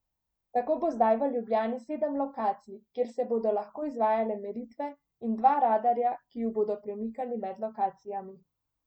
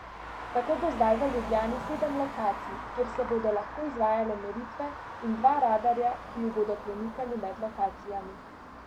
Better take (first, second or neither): first